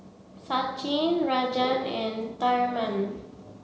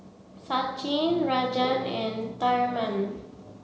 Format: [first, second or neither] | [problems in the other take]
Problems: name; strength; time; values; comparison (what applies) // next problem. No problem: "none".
first | background sound (Electric guitar / Strum); 15 dB below the speech